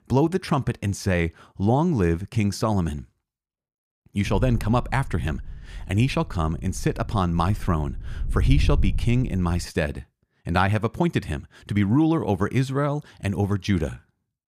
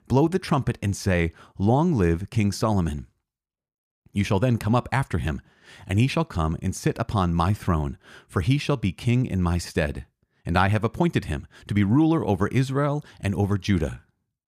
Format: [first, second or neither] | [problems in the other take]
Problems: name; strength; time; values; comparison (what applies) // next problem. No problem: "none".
second | wind noise on the microphone; faint; from 4.5 to 9.5 s; 20 dB below the speech